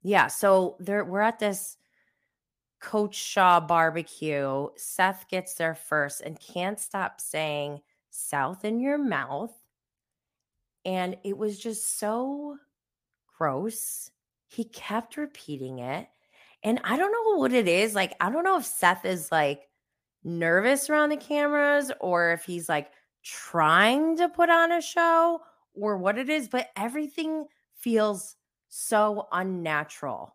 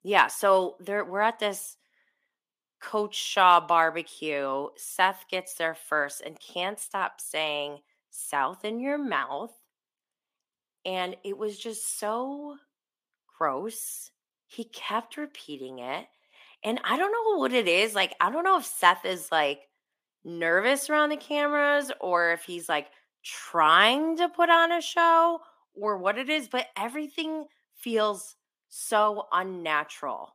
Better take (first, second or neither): first